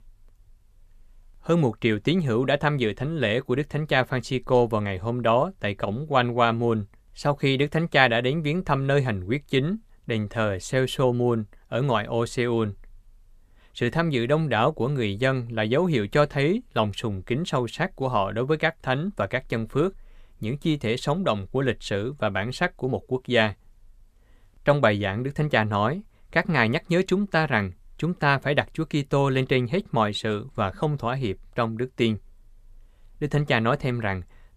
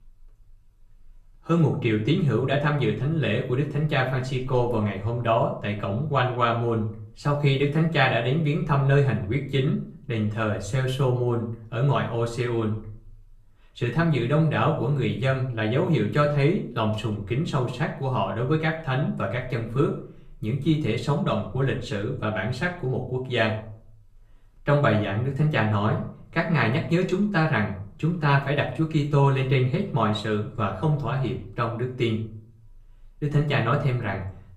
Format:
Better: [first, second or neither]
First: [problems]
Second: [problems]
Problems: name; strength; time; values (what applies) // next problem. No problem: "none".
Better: first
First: none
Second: off-mic speech; far // room echo; slight; dies away in 0.5 s